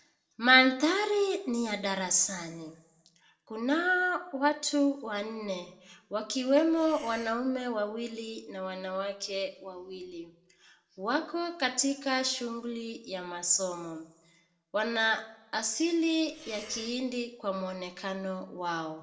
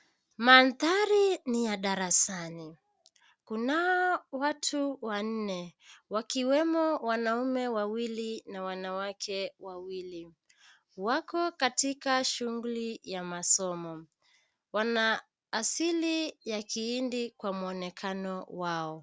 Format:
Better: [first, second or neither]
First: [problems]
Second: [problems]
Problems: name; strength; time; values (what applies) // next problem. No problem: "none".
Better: second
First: background sound (Breathing); 20 dB below the speech // room echo; dies away in 0.5 s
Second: none